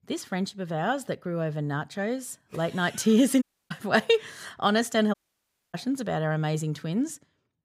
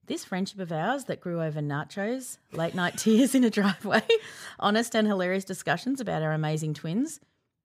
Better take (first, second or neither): second